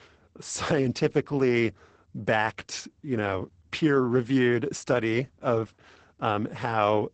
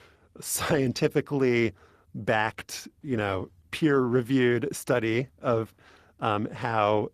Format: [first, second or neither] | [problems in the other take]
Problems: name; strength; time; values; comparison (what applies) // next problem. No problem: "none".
second | garbled, watery; badly; nothing above 8 kHz; slightly in the second